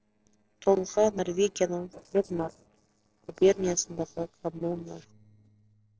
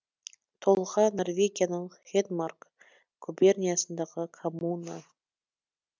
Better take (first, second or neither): second